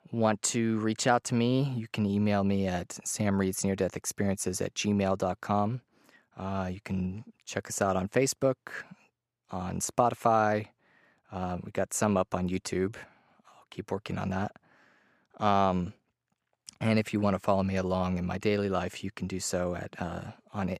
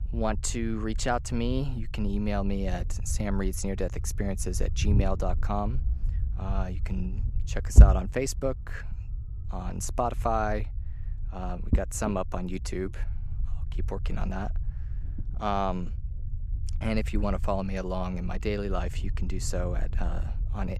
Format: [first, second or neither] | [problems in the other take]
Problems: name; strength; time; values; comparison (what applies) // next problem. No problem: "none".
first | low rumble; noticeable; throughout; 15 dB below the speech